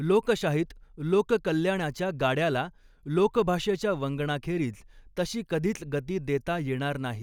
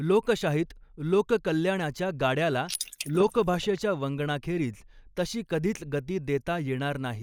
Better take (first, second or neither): first